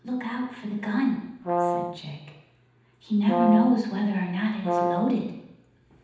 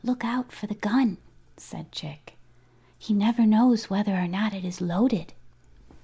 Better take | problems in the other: second | background sound (Brass instrument); 2 dB below the speech // room echo; dies away in 0.9 s

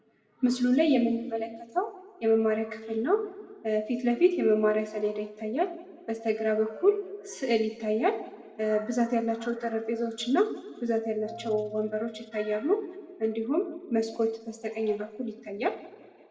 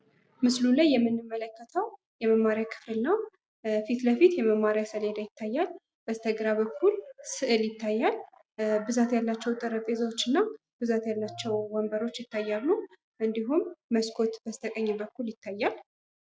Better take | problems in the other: second | room echo; dies away in 1.4 s

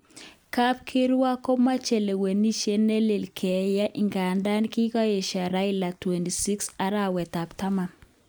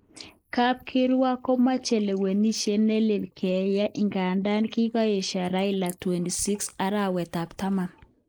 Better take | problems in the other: first | noise reduction (neural mask model Resemble Enhance denoiser)

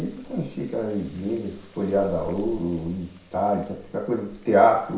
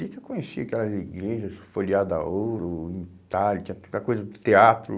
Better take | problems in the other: second | background sound (Water tap, faucet); 20 dB below the speech // room echo; dies away in 0.6 s

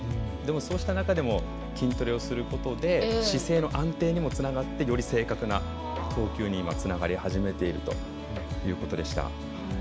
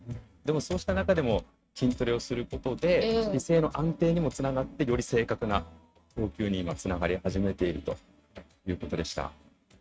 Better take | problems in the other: first | noise reduction (neural mask model RNNoise)

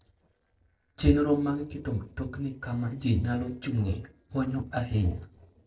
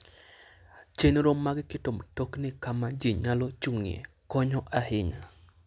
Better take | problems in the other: second | noise reduction (neural separator model SepFormer DNS4)

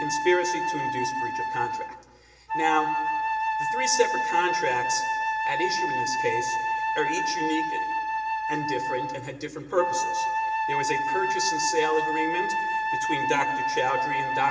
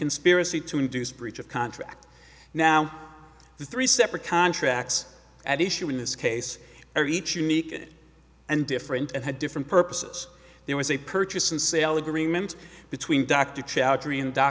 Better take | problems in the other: second | background sound (Wind instrument, woodwind instrument); 3 dB above the speech // room echo; dies away in 1.3 s

